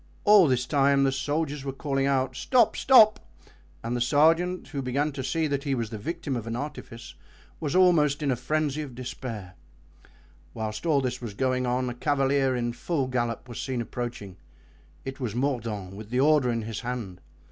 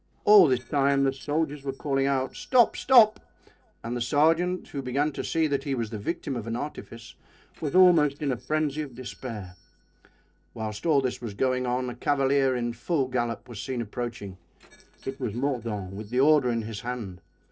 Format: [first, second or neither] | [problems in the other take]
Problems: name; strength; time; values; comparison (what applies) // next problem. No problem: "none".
first | noise reduction (neural separator model SepFormer DNS4)